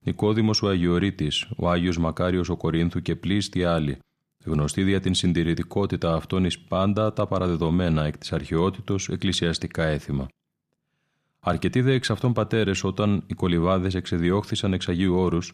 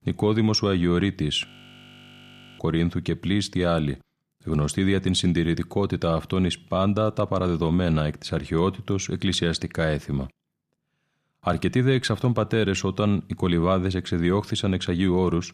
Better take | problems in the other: first | audio freezing; at 1.5 s for 1 s

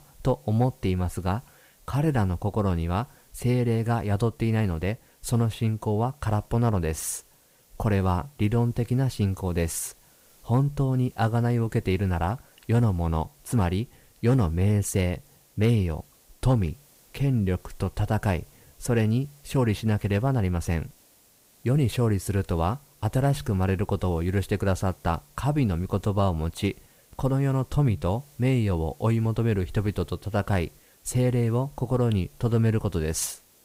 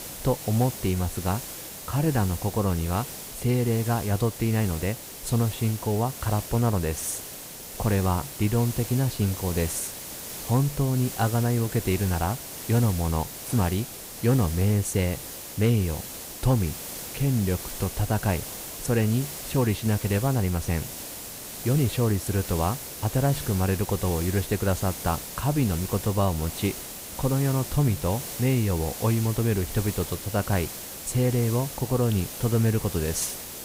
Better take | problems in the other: first | hiss; loud; throughout; 9 dB below the speech; faint in the first

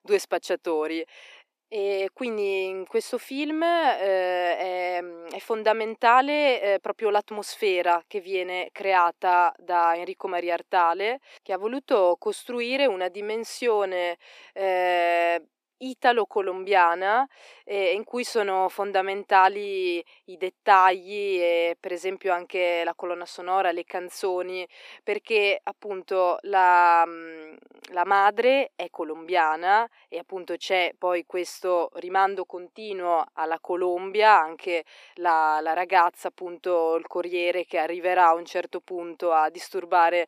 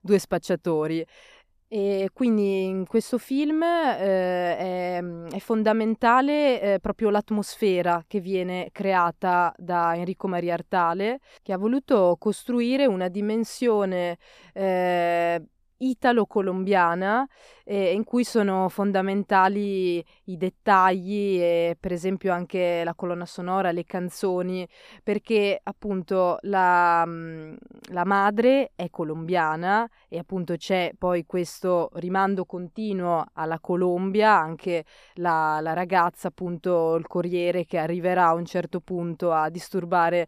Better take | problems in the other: second | thin; somewhat; fading below 300 Hz

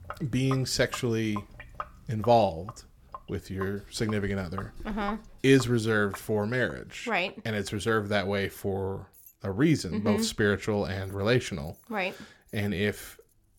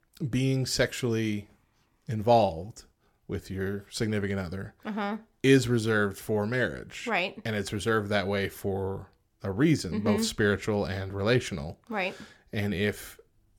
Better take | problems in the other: second | household noises; noticeable; throughout; 15 dB below the speech

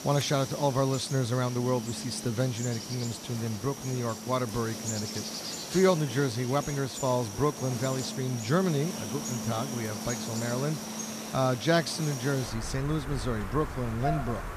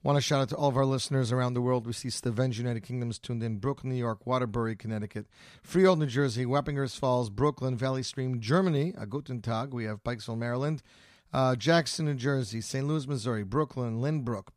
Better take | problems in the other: second | animal sounds; loud; throughout; 7 dB below the speech

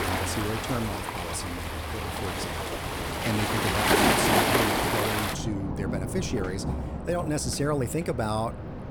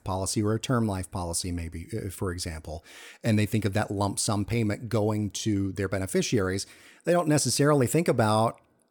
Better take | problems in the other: second | rain or running water; very loud; throughout; 4 dB above the speech

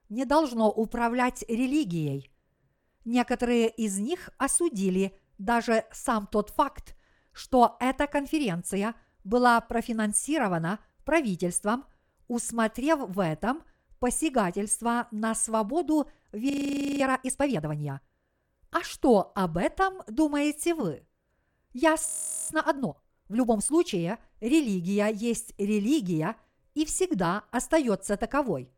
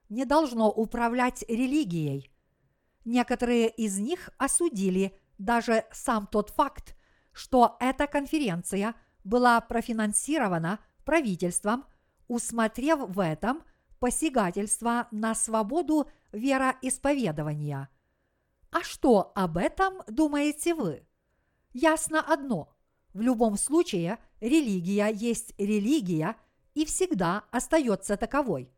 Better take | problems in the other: second | audio freezing; at 17 s for 0.5 s and at 22 s

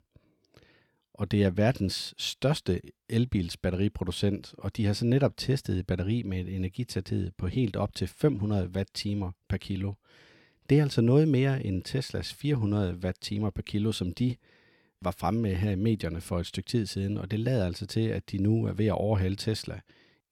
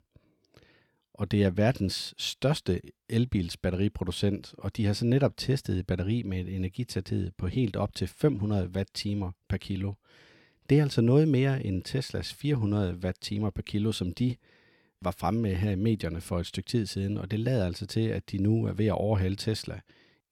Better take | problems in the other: neither | none

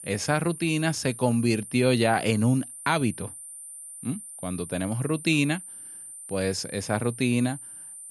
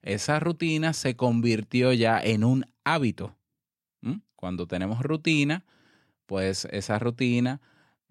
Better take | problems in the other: second | high-pitched whine; noticeable; throughout; 9 kHz, 15 dB below the speech

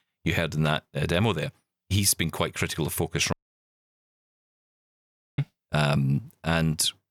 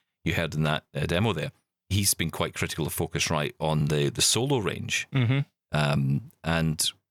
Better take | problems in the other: second | audio cutting out; at 3.5 s for 2 s

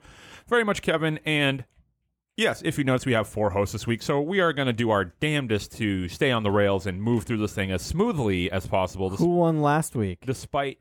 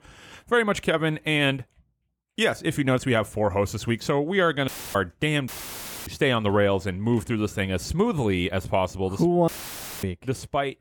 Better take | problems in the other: first | audio cutting out; filled with static; at 4.5 s, at 5.5 s for 0.5 s and at 9.5 s for 0.5 s

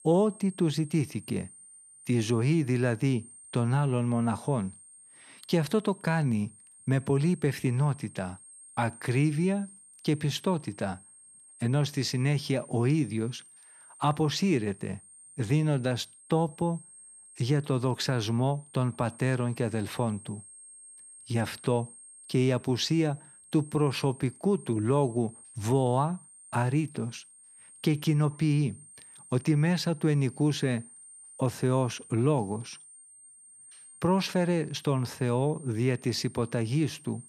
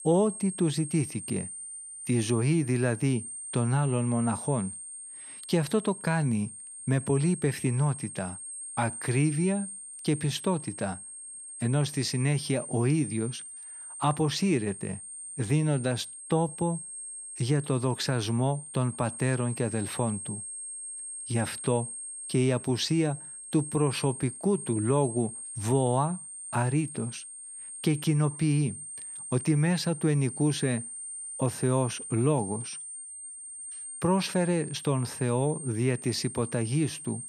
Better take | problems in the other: first | high-pitched whine; loud; throughout; 8.5 kHz, 9 dB below the speech; faint in the first

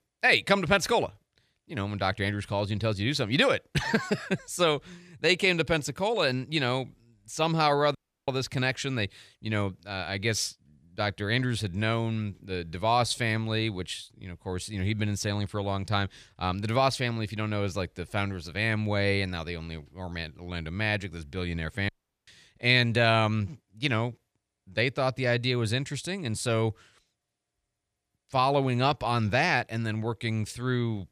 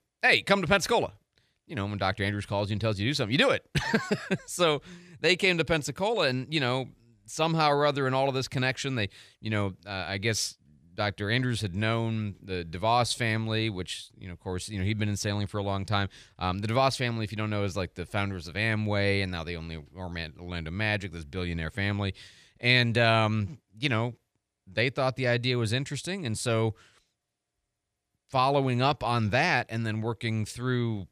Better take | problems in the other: second | audio cutting out; at 8 s and at 22 s

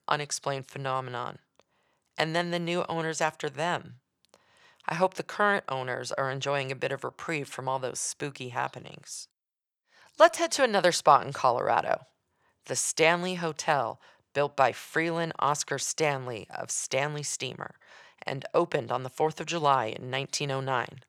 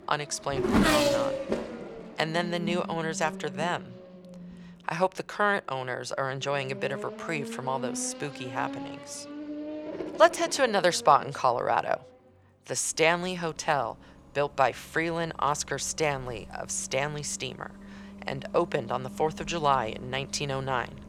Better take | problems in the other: first | traffic noise; loud; throughout; 6 dB below the speech

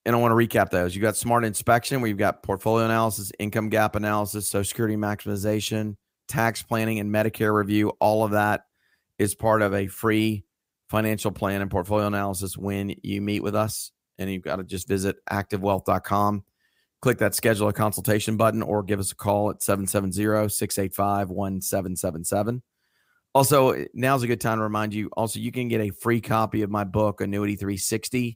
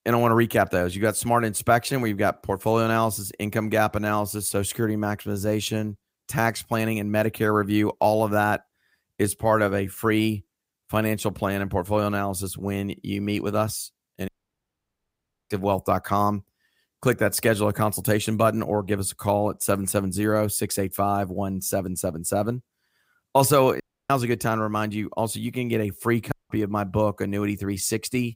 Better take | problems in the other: first | audio cutting out; at 14 s for 1 s, at 24 s and at 26 s

